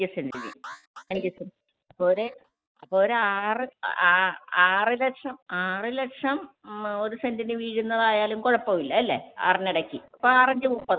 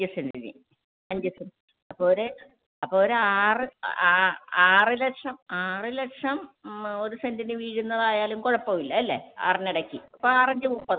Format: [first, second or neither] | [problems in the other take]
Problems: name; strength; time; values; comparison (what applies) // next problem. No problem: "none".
second | noise reduction (neural mask model DeepFilterNet 3)